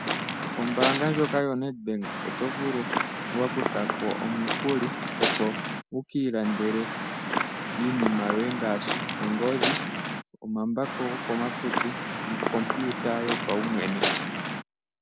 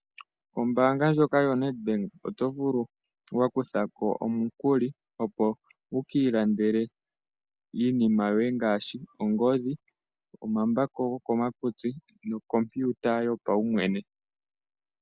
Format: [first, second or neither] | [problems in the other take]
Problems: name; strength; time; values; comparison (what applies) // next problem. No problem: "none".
second | background sound (Waves, surf / Wind); 1 dB below the speech